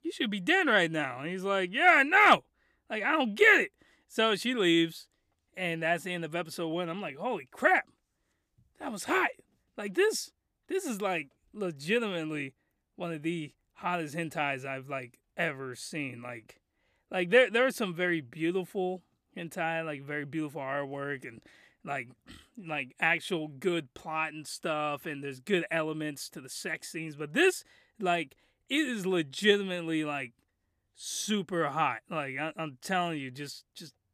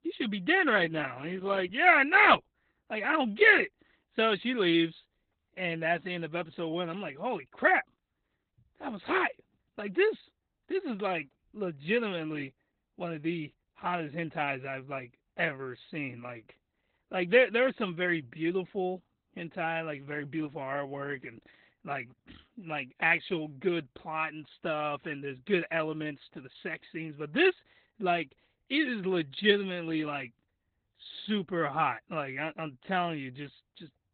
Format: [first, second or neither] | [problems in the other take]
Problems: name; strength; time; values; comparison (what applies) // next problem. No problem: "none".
first | garbled, watery; badly; nothing above 4 kHz